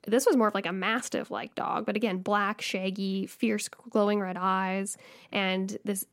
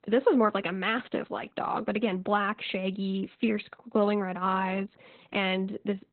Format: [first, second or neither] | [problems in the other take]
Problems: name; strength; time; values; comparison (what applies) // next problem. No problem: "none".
first | garbled, watery; badly; nothing above 4 kHz